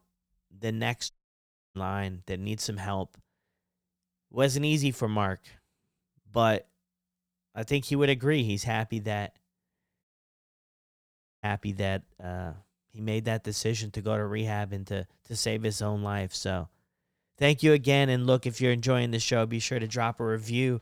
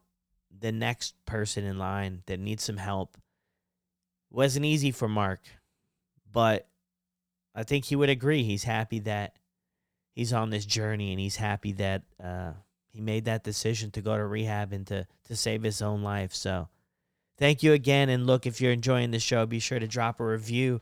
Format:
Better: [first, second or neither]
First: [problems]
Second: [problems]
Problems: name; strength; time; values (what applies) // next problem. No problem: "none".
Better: second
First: audio cutting out; at 1 s for 0.5 s and at 10 s for 1.5 s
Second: none